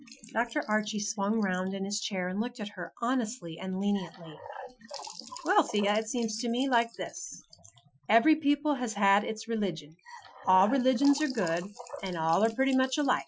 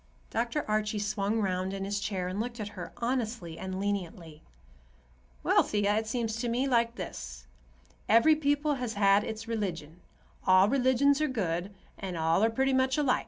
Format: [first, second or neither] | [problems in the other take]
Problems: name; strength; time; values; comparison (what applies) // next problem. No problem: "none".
second | noise reduction (classical method Wiener filter)